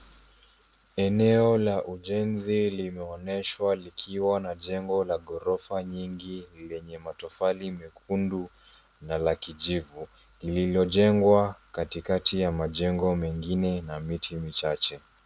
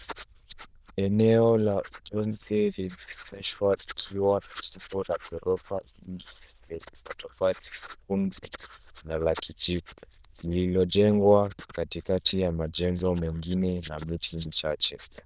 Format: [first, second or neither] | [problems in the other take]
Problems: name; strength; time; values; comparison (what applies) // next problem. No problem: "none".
first | noise reduction (neural diffusion model UNIVERSE++)